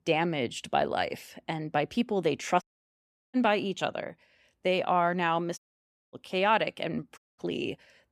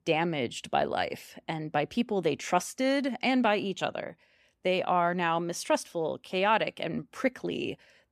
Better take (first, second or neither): second